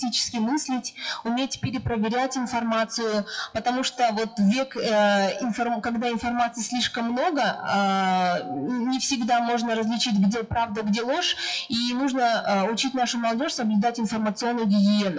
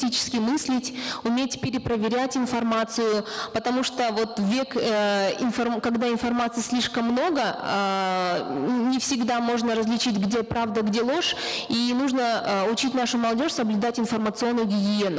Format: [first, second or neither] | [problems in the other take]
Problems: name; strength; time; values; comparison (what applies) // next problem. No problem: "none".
second | noise reduction (classical method WPE with log-MMSE)